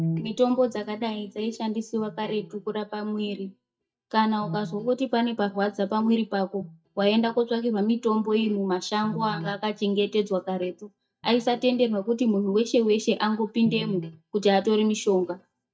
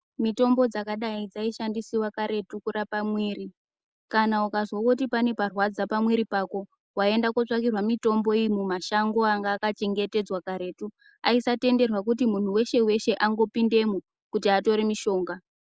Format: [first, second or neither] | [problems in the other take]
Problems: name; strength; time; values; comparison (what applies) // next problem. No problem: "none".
second | noise reduction (neural mask model DeepFilterNet 3)